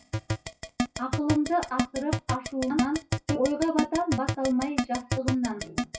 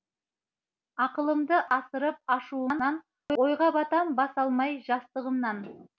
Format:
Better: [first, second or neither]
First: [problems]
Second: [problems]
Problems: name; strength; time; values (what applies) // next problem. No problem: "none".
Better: second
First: noise reduction (classical method WPE with log-MMSE)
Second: none